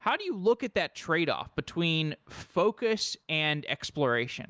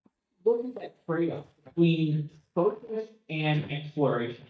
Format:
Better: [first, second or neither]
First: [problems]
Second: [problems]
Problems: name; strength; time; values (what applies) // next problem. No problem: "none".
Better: first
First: none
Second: noise reduction (neural mask model DeepFilterNet 3)